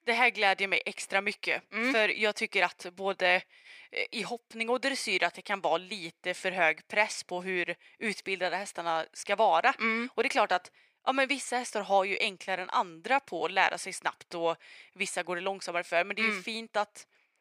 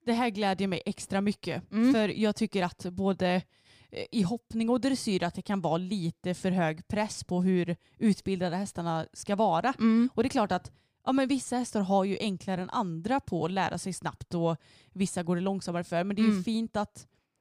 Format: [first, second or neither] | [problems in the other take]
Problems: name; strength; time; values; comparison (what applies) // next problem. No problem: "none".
second | thin; very; fading below 550 Hz